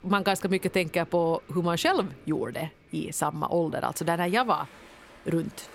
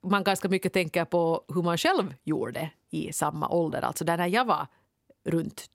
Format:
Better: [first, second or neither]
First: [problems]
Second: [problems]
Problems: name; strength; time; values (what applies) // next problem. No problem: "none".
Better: second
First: rain or running water; faint; throughout; 25 dB below the speech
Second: none